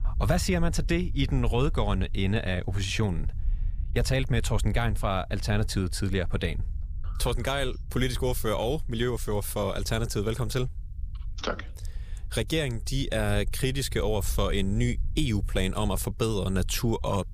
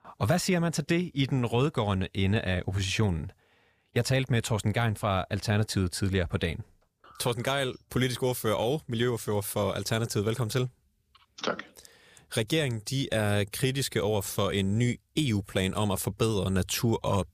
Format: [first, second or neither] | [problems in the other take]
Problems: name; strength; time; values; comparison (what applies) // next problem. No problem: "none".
second | low rumble; faint; throughout; 25 dB below the speech